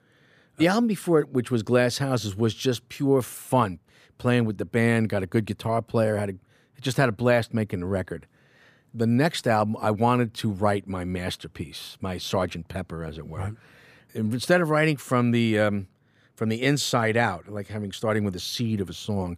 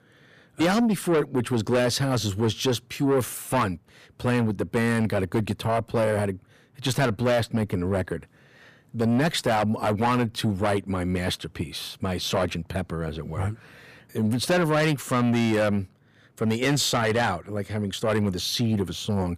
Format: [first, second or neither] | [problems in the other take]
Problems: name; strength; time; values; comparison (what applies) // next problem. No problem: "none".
first | distortion; heavy; 7 dB below the speech